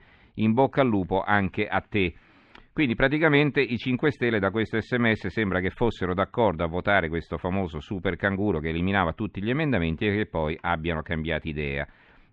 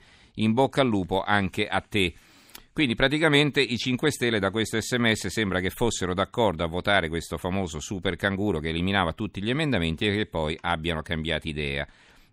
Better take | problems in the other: second | muffled; very; fading above 2.5 kHz

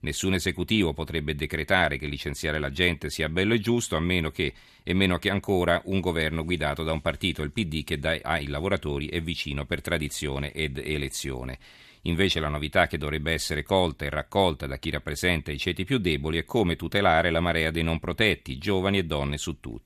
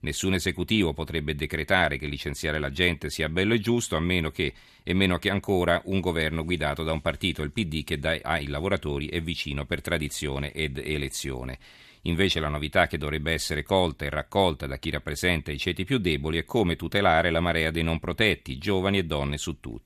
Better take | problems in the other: neither | none

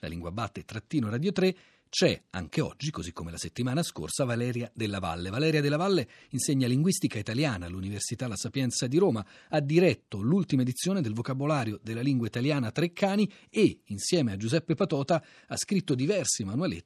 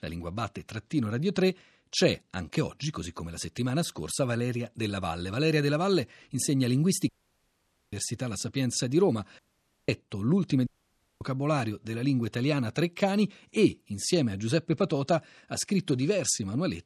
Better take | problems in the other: first | audio cutting out; at 7 s for 1 s, at 9.5 s and at 11 s for 0.5 s

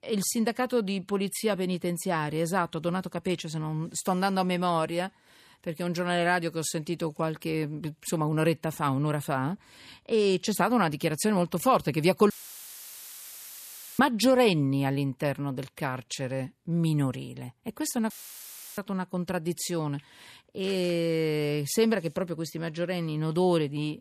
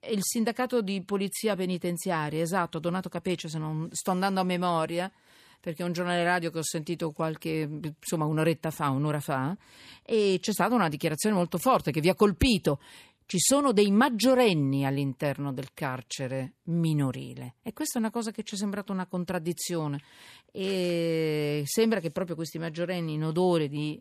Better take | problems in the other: second | audio cutting out; filled with static; at 12 s for 1.5 s and at 18 s for 0.5 s

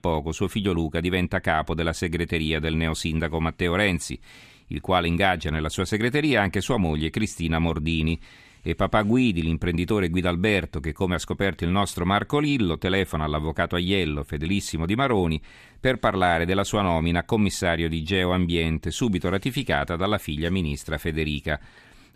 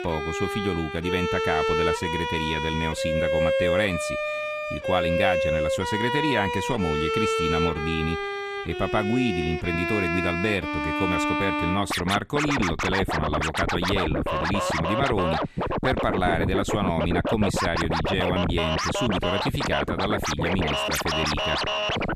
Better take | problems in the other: first | background music; very loud; throughout; 1 dB above the speech

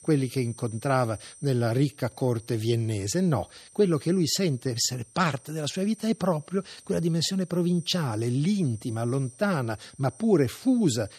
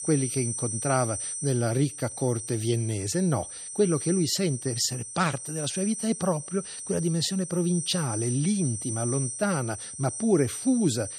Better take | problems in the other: first | high-pitched whine; loud; throughout; 9 kHz, 6 dB below the speech; faint in the first

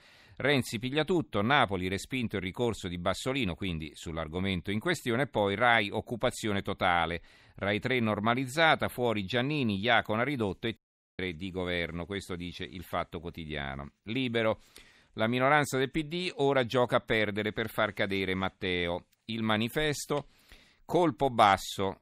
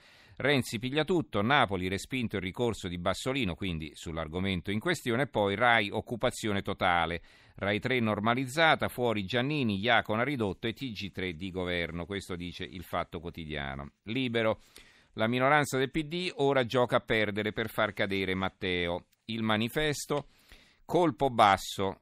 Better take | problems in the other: second | audio cutting out; at 11 s

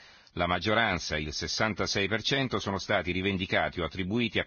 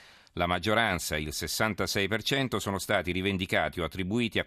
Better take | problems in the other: second | garbled, watery; badly; nothing above 6.5 kHz

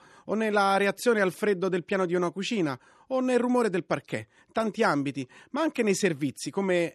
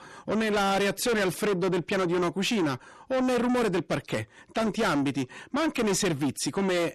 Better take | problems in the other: first | distortion; heavy; 6 dB below the speech

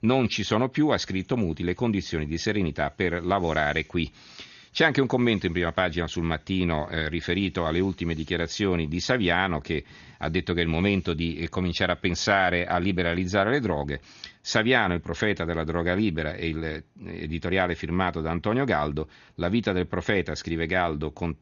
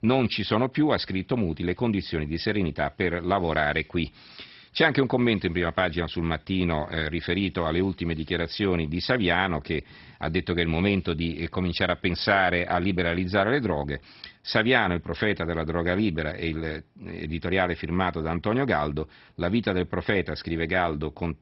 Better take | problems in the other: first | garbled, watery; badly; nothing above 5.5 kHz; slightly in the first

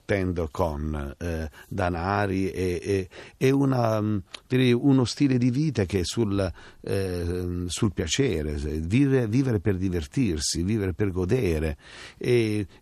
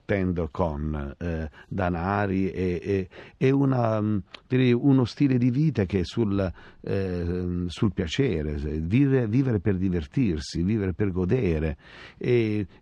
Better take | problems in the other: first | muffled; slightly; fading above 3.5 kHz

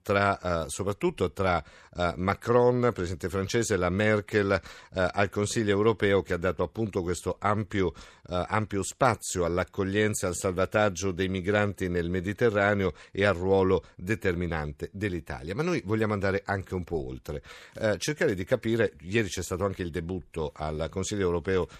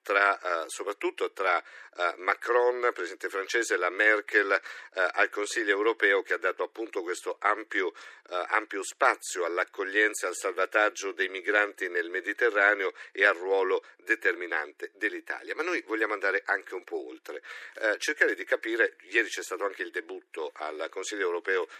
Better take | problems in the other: first | thin; very; fading below 300 Hz

